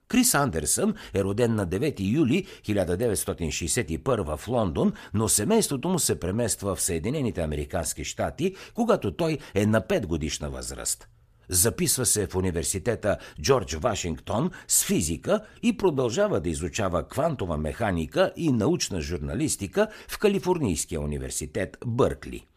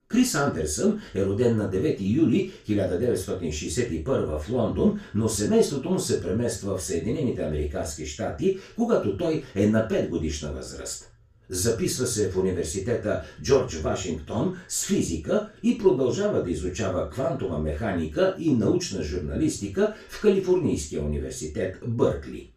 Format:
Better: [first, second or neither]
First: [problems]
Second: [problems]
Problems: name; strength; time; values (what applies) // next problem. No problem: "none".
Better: first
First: none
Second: room echo; noticeable; dies away in 0.2 s // off-mic speech; far